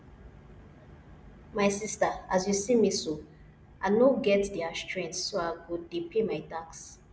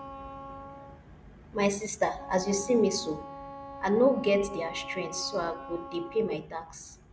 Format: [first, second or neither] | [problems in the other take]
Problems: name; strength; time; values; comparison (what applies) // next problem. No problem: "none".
first | background sound (Wind instrument, woodwind instrument); 14 dB below the speech